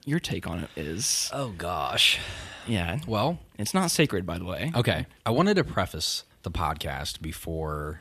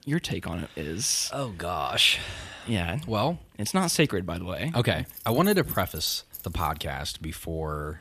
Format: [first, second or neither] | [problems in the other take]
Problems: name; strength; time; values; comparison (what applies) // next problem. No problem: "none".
first | jangling keys; noticeable; from 5 to 6.5 s; peak 7 dB below the speech